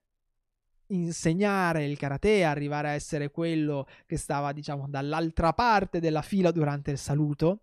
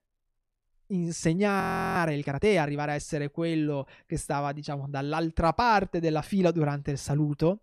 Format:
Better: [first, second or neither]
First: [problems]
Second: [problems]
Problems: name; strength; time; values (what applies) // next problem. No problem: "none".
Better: first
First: none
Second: audio freezing; at 1.5 s